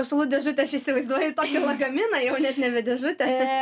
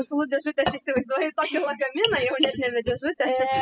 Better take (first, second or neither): first